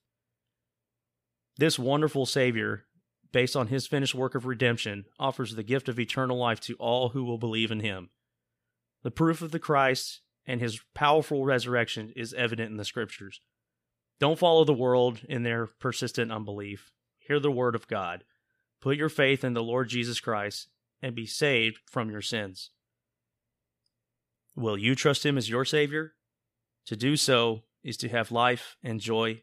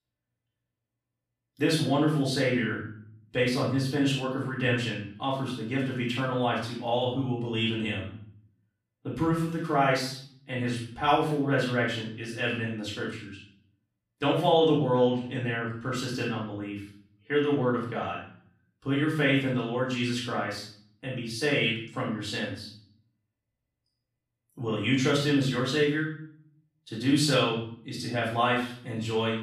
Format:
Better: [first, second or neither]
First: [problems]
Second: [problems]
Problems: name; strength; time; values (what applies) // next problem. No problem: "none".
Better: first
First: none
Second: off-mic speech; far // room echo; noticeable; dies away in 0.5 s